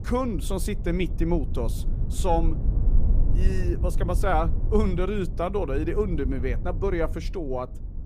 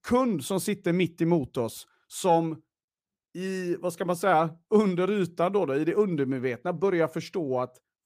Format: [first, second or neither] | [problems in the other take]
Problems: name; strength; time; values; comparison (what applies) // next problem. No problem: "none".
second | low rumble; noticeable; throughout; 15 dB below the speech